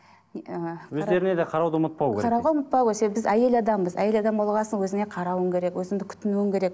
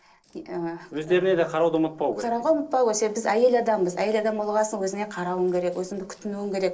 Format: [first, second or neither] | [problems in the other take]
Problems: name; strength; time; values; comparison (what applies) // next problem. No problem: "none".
first | noise reduction (neural separator model SepFormer DNS4)